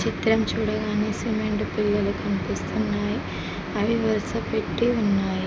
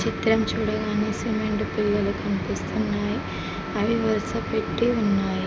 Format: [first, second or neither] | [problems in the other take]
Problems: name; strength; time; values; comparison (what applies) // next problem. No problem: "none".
first | background sound (Wind instrument, woodwind instrument); 15 dB below the speech